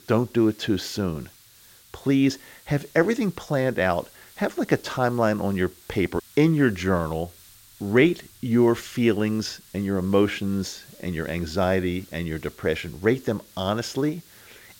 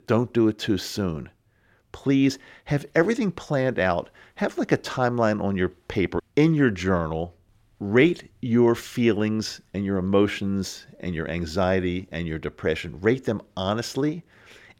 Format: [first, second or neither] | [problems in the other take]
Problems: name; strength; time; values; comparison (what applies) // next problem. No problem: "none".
second | hiss; faint; throughout; 25 dB below the speech